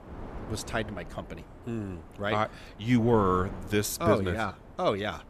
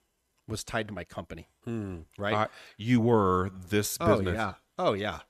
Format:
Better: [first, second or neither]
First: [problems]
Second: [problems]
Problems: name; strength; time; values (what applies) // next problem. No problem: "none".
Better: second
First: wind noise on the microphone; occasional gusts; 20 dB below the speech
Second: none